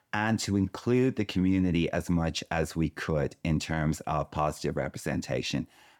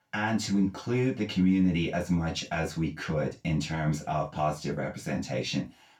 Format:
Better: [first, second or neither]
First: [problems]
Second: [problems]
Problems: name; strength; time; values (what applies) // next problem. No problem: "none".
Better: first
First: none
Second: room echo; slight; dies away in 0.2 s // off-mic speech; far